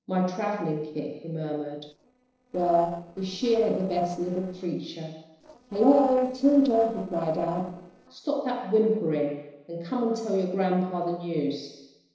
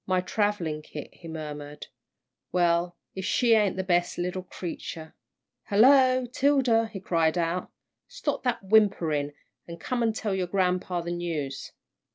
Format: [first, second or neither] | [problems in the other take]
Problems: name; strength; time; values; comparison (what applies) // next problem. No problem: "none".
second | noise reduction (neural separator model SepFormer DNS4)